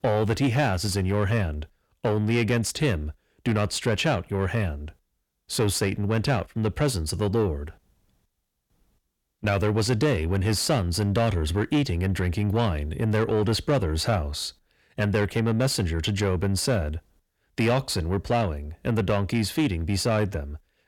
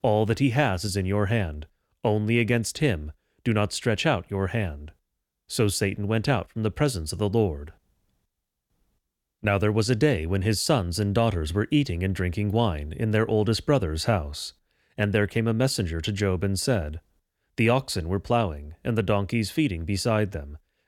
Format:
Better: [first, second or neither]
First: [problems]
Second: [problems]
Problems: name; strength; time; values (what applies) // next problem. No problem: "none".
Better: second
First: distortion; slight; 10 dB below the speech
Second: none